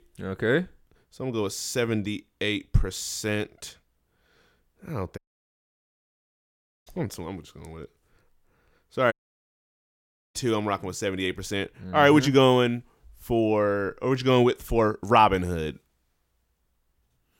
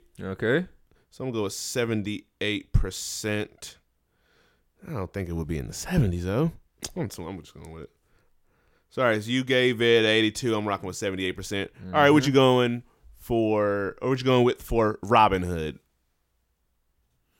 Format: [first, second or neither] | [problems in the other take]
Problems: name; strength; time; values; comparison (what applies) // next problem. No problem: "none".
second | audio cutting out; at 5 s for 1.5 s and at 9 s for 1 s